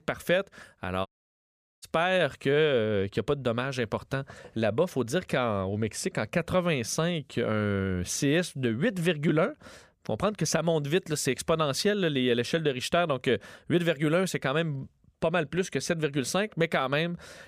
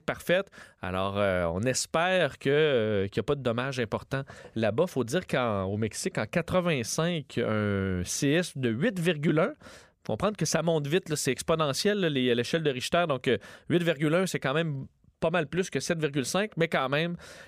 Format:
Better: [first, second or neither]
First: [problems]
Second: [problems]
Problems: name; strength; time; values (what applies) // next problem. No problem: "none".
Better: second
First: audio cutting out; at 1 s for 1 s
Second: none